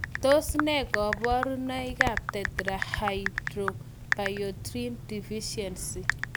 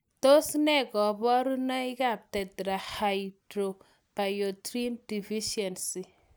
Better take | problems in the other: second | background sound (Typing); 3 dB below the speech

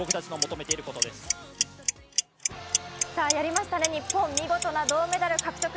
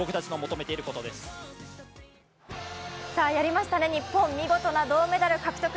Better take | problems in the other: second | background sound (Clock); 2 dB below the speech

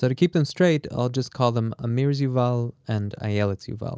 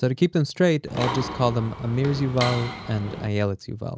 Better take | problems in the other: first | background sound (Mechanisms); 8 dB below the speech

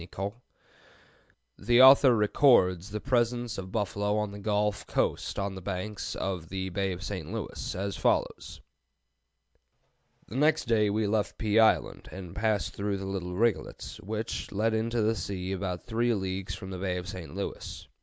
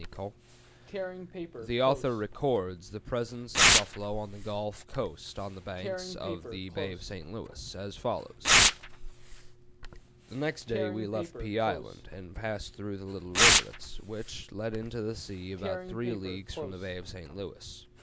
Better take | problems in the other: first | background sound (Tearing); 3 dB above the speech

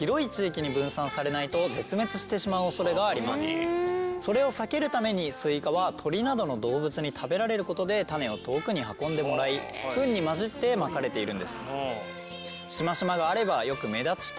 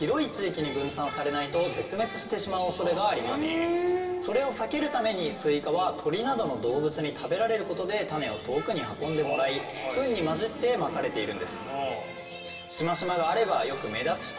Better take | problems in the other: first | room echo; dies away in 2.9 s

